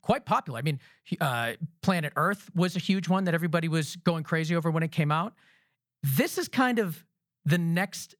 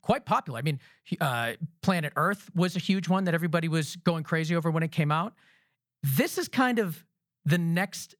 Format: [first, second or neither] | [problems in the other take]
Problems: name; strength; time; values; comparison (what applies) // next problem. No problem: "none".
neither | none